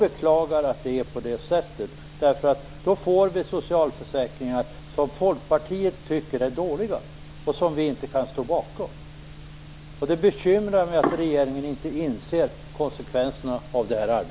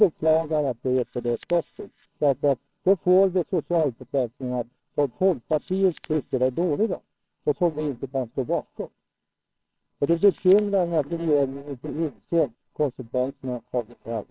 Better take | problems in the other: first | noise reduction (neural separator model SepFormer WHAMR!)

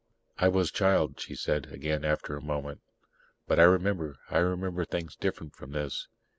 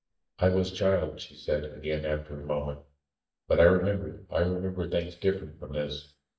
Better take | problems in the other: first | noise reduction (neural mask model DeepFilterNet 3)

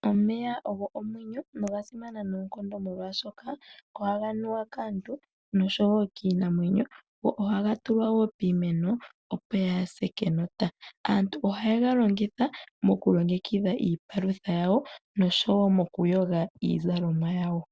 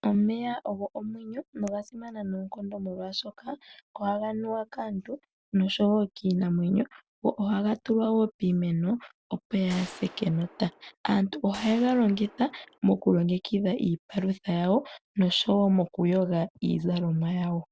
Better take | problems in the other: first | background sound (Gunshot, gunfire); 18 dB below the speech

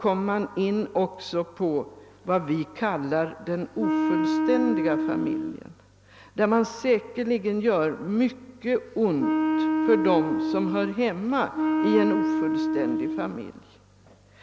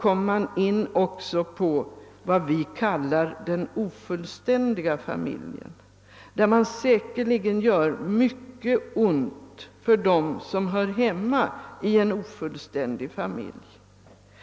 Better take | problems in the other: second | background sound (Wind instrument, woodwind instrument); 1 dB above the speech

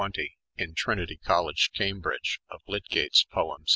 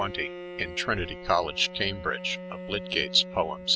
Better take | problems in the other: first | background sound (Bowed string instrument); 11 dB below the speech

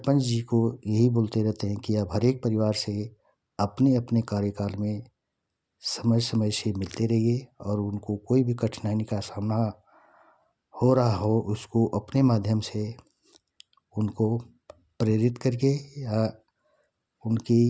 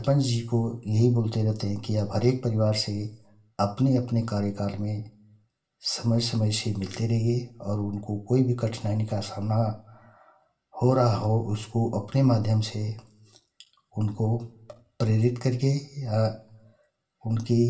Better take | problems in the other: first | room echo; dies away in 0.4 s

